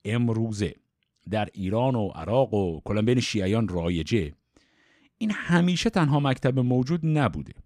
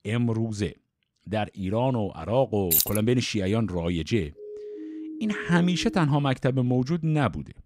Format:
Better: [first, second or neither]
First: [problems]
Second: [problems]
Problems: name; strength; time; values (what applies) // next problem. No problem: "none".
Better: first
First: none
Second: jangling keys; loud; at 2.5 s; peak 4 dB above the speech // siren; faint; from 4.5 to 6 s; peak 10 dB below the speech